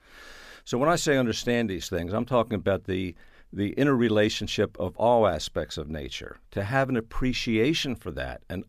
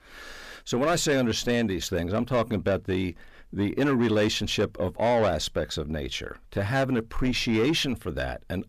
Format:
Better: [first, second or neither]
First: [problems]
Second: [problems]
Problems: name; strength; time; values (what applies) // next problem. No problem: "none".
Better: first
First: none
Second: distortion; slight; 10 dB below the speech